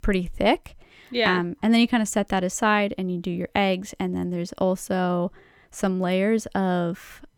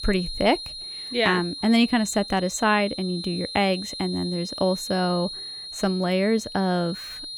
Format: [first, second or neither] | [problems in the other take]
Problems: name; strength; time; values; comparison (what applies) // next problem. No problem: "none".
first | high-pitched whine; loud; throughout; 4 kHz, 9 dB below the speech